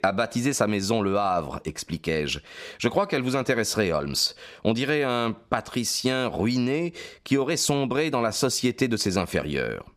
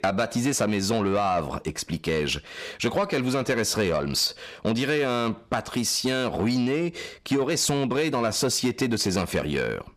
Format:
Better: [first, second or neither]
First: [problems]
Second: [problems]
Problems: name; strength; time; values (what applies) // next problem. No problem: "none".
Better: first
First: none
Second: distortion; slight; 10 dB below the speech